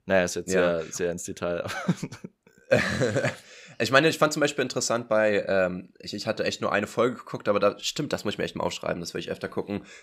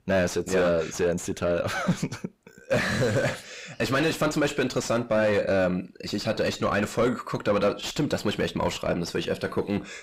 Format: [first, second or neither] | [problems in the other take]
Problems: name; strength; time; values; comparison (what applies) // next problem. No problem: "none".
first | distortion; heavy; 6 dB below the speech